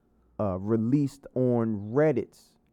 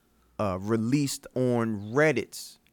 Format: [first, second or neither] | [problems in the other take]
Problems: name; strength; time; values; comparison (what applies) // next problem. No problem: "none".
second | muffled; very; fading above 1.5 kHz